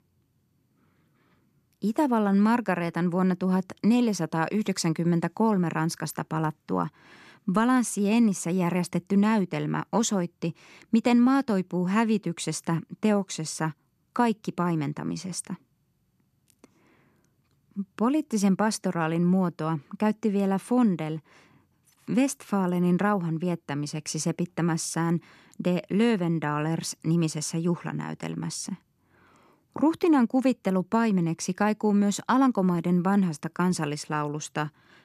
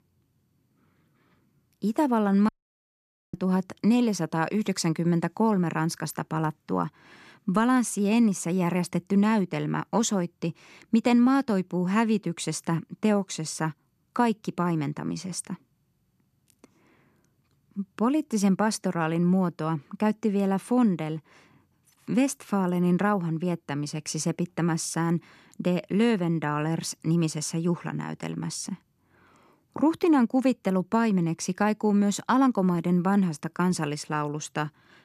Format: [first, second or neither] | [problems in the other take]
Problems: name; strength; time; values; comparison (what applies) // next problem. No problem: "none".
first | audio cutting out; at 2.5 s for 1 s